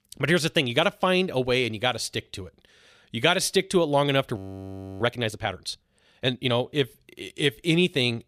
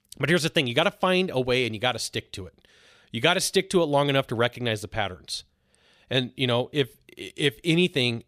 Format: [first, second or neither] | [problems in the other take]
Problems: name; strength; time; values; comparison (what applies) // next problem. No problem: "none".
second | audio freezing; at 4.5 s for 0.5 s